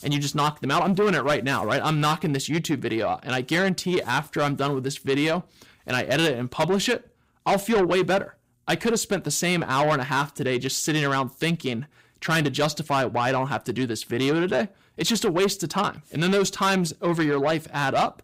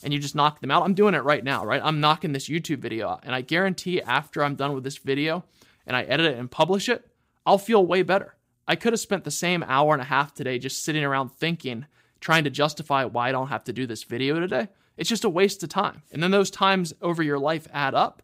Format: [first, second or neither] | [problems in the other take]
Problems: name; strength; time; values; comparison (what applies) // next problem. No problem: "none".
second | distortion; heavy; 7 dB below the speech